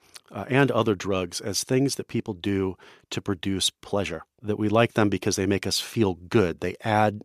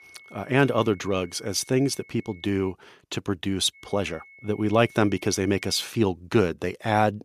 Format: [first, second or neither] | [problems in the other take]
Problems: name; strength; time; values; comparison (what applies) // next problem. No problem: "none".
first | high-pitched whine; faint; until 2.5 s and from 3.5 to 6 s; 2 kHz, 25 dB below the speech